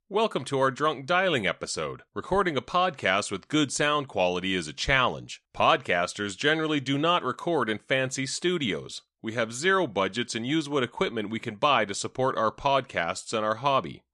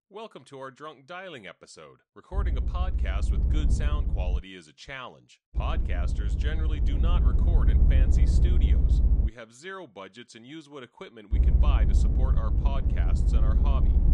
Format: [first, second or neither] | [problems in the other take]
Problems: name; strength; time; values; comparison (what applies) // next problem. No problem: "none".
first | low rumble; loud; from 2.5 to 4.5 s, from 5.5 to 9.5 s and from 11 s on; 2 dB below the speech